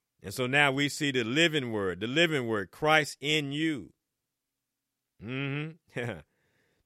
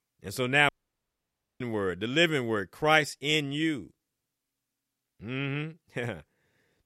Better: first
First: none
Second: audio cutting out; at 0.5 s for 1 s

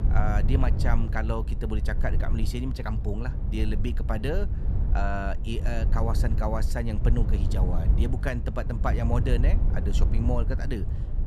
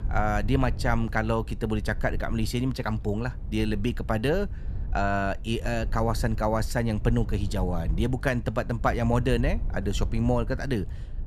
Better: second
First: low rumble; loud; throughout; 9 dB below the speech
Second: low rumble; faint; throughout; 20 dB below the speech

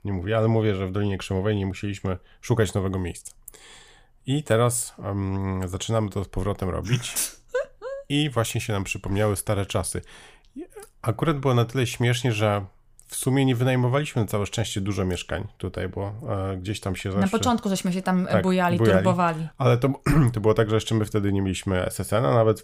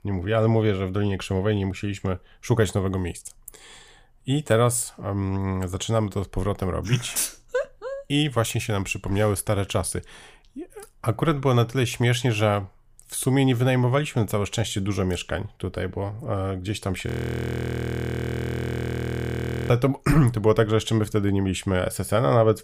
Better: first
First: none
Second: audio freezing; at 17 s for 2.5 s

